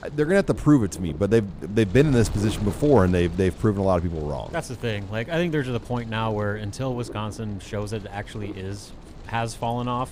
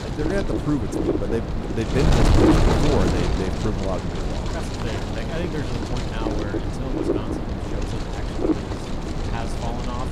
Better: first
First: wind noise on the microphone; occasional gusts; 20 dB below the speech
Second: wind noise on the microphone; heavy; 4 dB above the speech

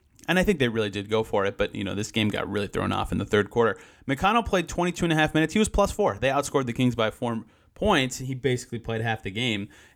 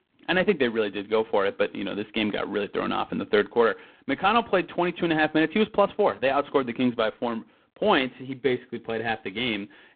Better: first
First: none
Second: phone-call audio; poor line; nothing above 3.5 kHz

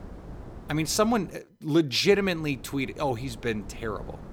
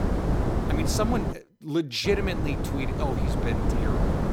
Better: first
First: wind noise on the microphone; occasional gusts; until 1.5 s and from 2 s on; 20 dB below the speech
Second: wind noise on the microphone; heavy; until 1.5 s and from 2 s on; 2 dB below the speech

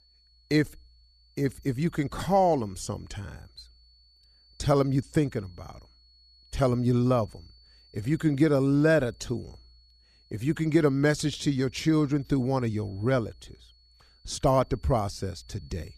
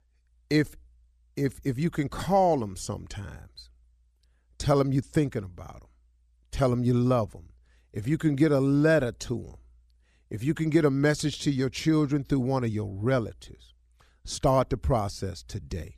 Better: second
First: high-pitched whine; faint; throughout; 4.5 kHz, 30 dB below the speech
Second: none

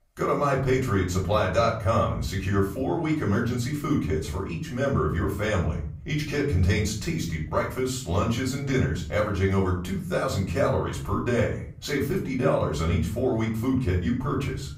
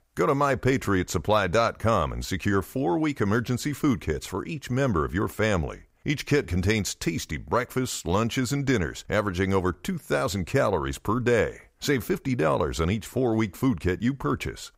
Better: second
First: off-mic speech; far // room echo; slight; dies away in 0.7 s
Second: none

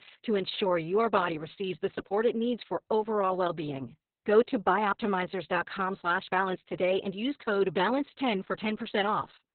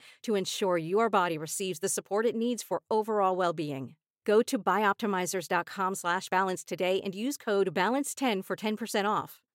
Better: second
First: garbled, watery; badly; nothing above 4 kHz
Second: none

